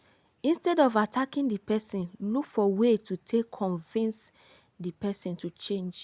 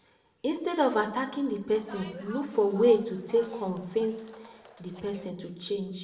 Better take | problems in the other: first | background sound (Bus); 18 dB below the speech // room echo; dies away in 0.7 s

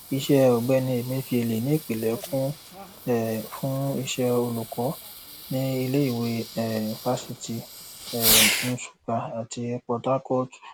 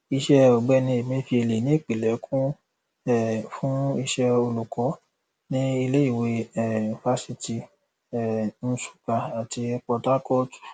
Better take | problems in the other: second | background sound (Fireworks); 6 dB below the speech

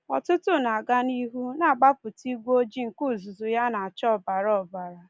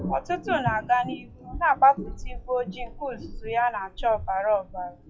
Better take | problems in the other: first | noise reduction (classical method WPE with log-MMSE)

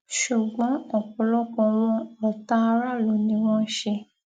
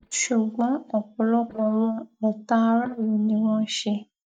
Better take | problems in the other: first | noise reduction (neural mask model DeepFilterNet 3)

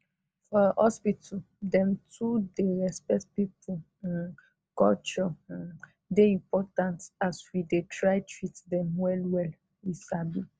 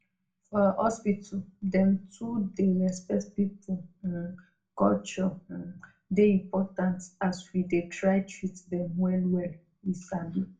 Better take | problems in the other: first | room echo; dies away in 0.3 s

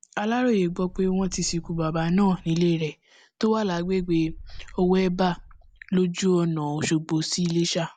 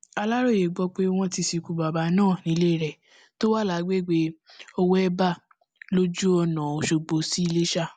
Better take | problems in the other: second | background sound (Wind); 17 dB below the speech

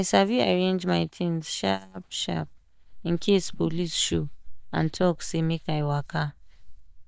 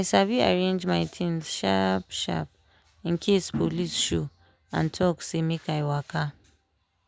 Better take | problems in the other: second | noise reduction (neural mask model DeepFilterNet 3)

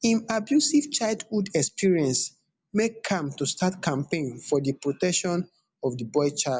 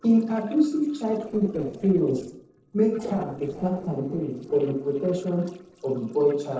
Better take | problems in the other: first | noise reduction (neural separator model SepFormer DNS4)

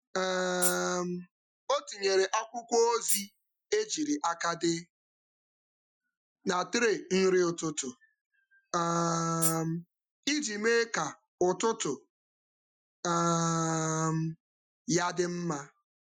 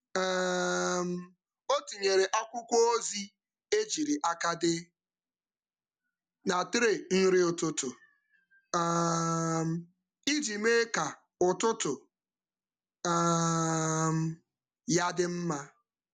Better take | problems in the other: second | noise reduction (classical method Wiener filter)

